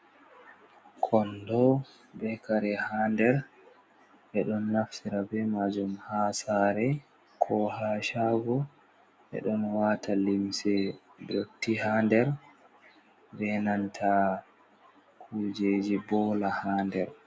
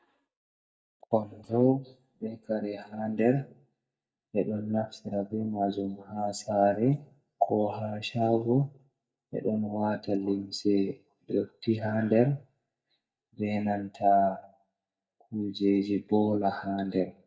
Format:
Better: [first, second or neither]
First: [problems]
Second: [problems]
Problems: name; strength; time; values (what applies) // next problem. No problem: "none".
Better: first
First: none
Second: noise reduction (neural mask model DeepFilterNet 3)